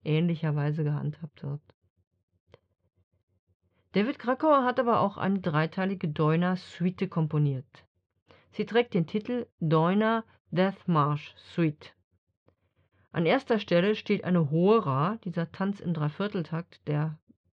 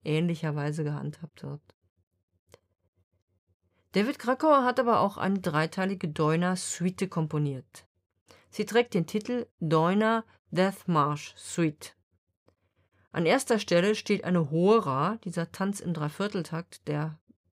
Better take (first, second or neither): second